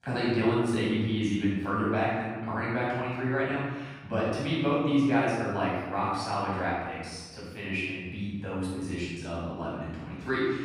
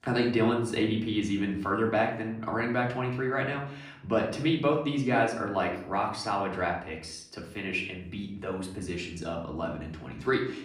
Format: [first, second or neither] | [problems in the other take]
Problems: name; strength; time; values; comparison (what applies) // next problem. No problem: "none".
second | room echo; strong; dies away in 1.2 s; slight in the second // off-mic speech; far; far in the second